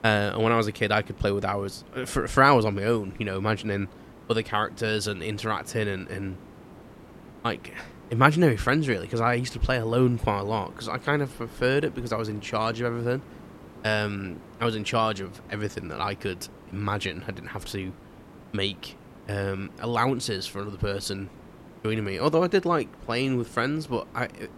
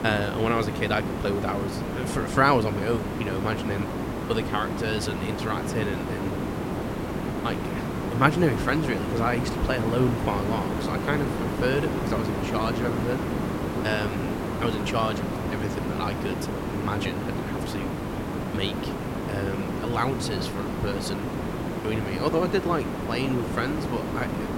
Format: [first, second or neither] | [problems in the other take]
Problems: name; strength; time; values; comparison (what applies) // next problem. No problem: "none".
first | hiss; loud; throughout; 1 dB below the speech; faint in the first